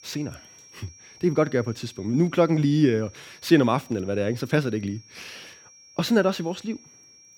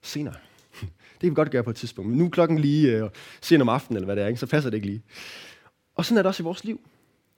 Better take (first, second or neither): second